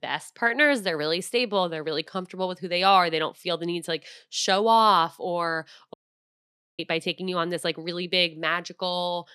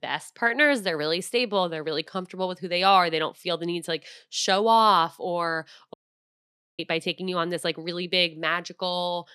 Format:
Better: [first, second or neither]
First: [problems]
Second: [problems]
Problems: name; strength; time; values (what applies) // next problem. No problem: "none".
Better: neither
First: audio cutting out; at 6 s for 1 s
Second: audio cutting out; at 6 s for 1 s